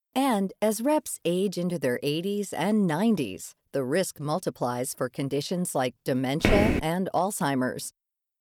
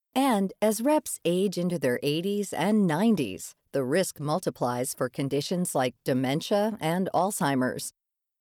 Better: second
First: footsteps; loud; at 6.5 s; peak 4 dB above the speech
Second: none

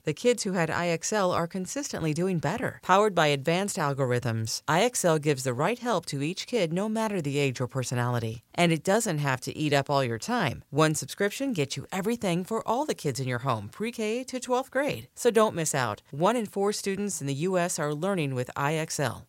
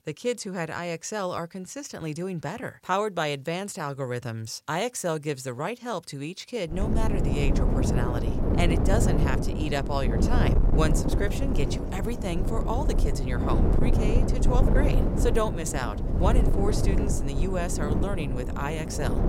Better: first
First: none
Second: wind noise on the microphone; heavy; from 7 s on; 3 dB below the speech

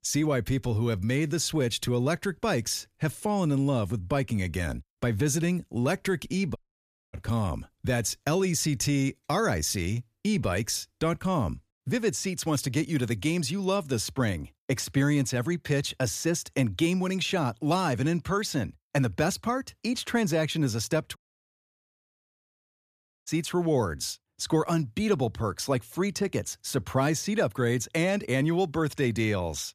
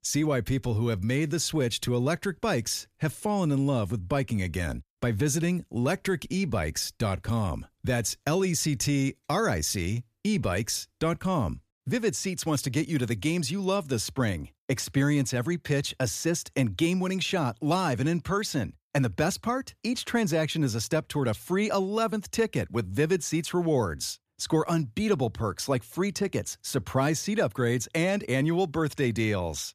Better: second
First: audio cutting out; at 6.5 s for 0.5 s and at 21 s for 2 s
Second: none

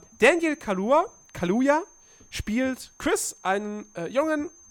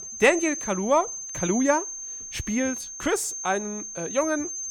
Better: first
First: high-pitched whine; faint; throughout; 6.5 kHz, 25 dB below the speech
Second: high-pitched whine; loud; throughout; 6.5 kHz, 6 dB below the speech

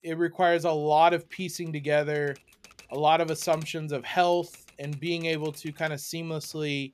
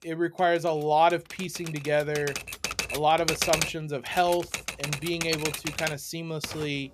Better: first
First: household noises; faint; throughout; 25 dB below the speech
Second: household noises; loud; throughout; 5 dB below the speech

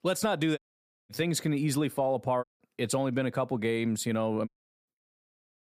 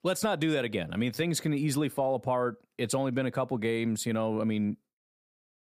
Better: second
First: audio cutting out; at 0.5 s for 0.5 s, at 2.5 s and at 4.5 s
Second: none

